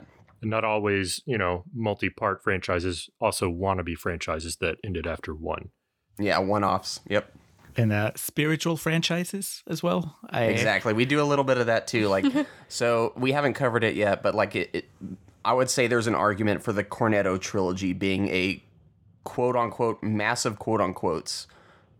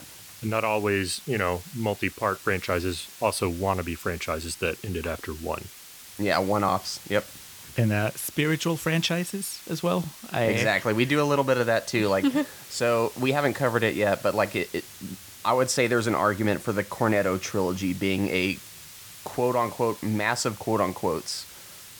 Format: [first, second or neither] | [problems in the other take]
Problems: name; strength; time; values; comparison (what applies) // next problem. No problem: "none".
first | hiss; noticeable; throughout; 15 dB below the speech